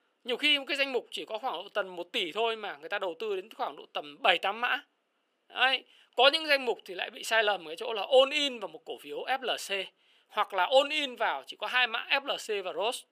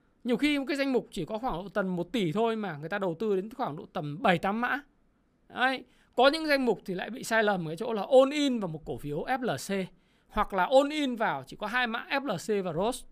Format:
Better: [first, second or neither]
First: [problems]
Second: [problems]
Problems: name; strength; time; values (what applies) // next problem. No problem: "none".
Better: second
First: thin; somewhat; fading below 400 Hz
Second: none